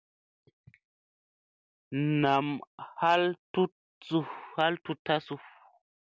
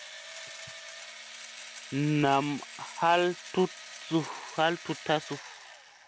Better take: first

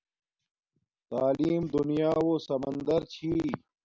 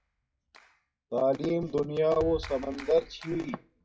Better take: first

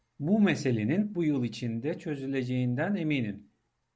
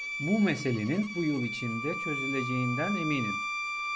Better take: first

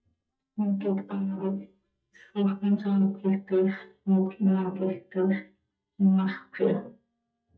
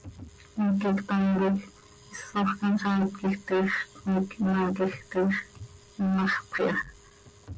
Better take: second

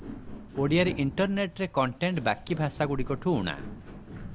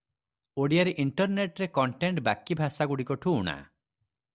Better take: second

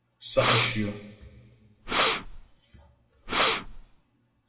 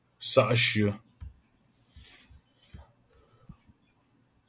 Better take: second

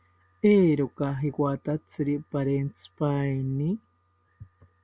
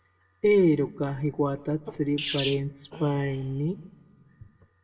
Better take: first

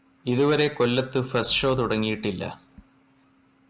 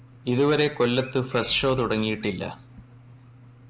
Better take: first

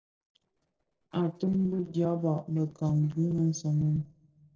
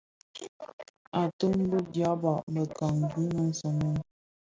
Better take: second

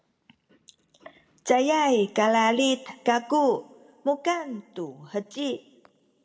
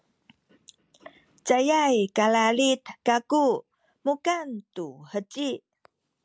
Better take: second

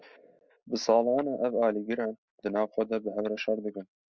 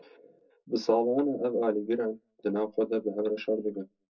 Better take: first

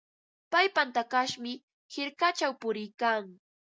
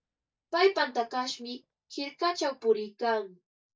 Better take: first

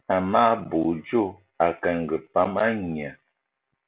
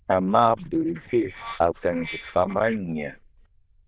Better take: first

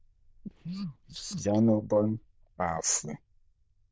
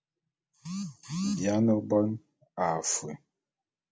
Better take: second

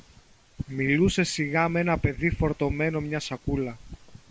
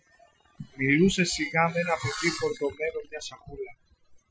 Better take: first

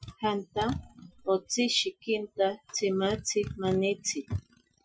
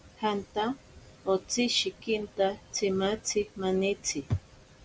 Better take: second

